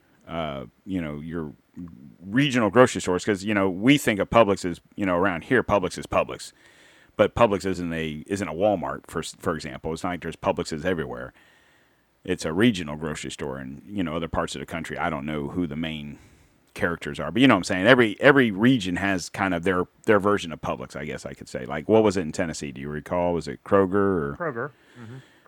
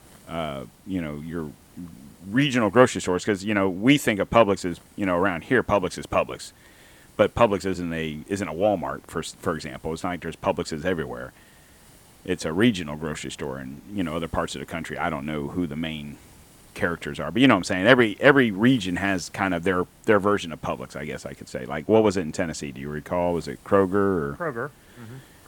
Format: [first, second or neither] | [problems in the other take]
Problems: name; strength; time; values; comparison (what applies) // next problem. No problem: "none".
first | hiss; faint; throughout; 30 dB below the speech